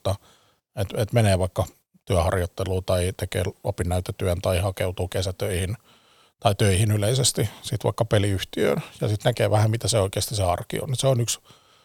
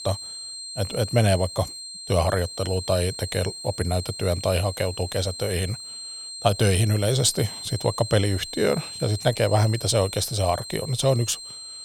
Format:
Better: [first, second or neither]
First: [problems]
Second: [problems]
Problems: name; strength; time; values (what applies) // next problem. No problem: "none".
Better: first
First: none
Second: high-pitched whine; loud; throughout; 4 kHz, 10 dB below the speech